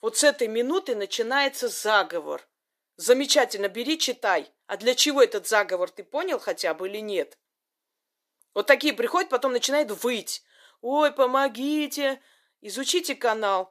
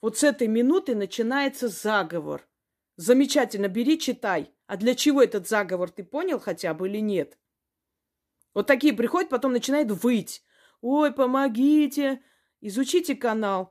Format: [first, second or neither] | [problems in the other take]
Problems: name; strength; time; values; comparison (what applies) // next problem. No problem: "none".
second | thin; somewhat; fading below 550 Hz